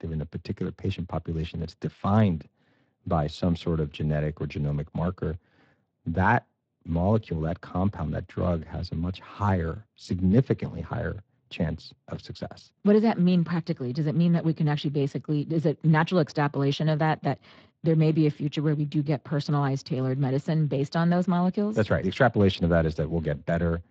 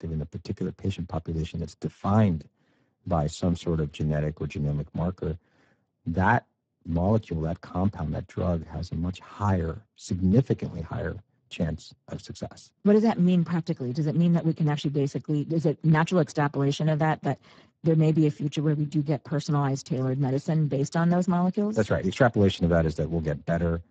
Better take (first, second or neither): first